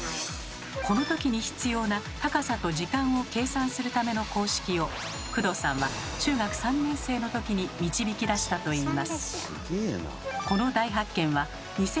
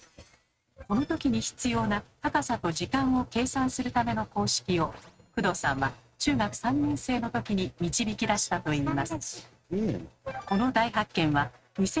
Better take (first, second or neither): first